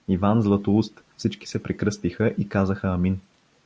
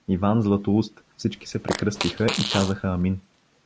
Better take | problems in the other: first | background sound (Fart); 7 dB below the speech

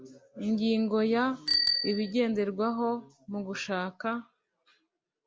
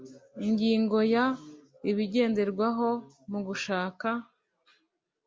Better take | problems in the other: second | background sound (Bicycle bell); 3 dB below the speech

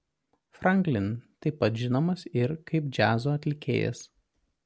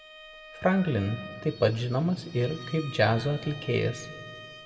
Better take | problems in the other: first | background sound (Bowed string instrument); 17 dB below the speech // room echo; dies away in 1.5 s

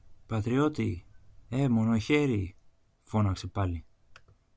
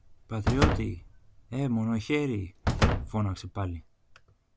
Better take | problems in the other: first | background sound (Slam); 1 dB above the speech

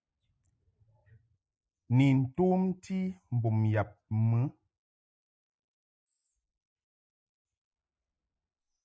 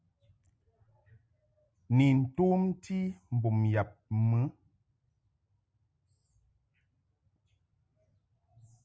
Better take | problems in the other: second | noise reduction (neural mask model Resemble Enhance denoiser)

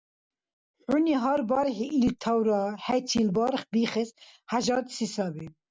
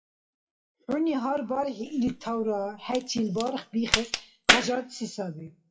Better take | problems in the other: first | noise reduction (classical method WPE with log-MMSE)

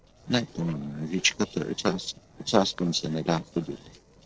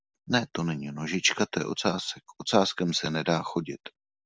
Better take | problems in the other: second | noise reduction (neural separator model SepFormer DNS4)

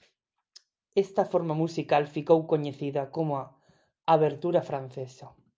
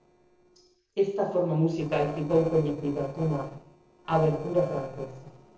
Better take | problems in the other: first | noise reduction (neural separator model SepFormer DNS4)

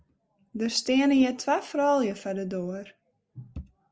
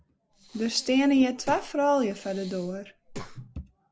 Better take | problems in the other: first | background sound (Breathing); 17 dB below the speech

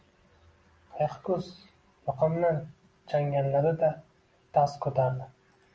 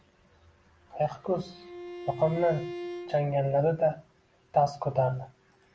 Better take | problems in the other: first | background sound (Bowed string instrument); 12 dB below the speech

